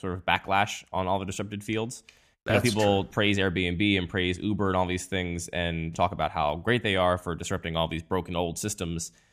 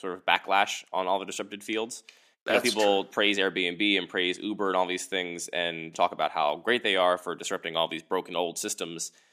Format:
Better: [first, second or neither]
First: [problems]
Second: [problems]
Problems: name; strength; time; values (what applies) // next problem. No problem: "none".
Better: first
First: none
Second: thin; somewhat; fading below 300 Hz